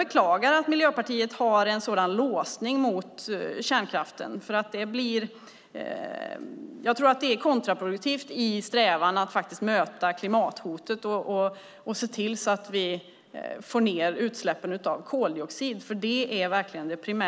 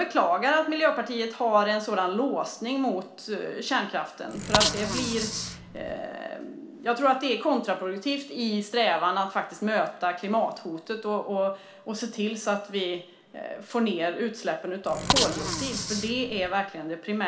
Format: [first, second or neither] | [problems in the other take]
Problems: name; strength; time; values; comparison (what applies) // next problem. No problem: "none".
first | background sound (Bicycle); 2 dB below the speech // room echo; dies away in 0.4 s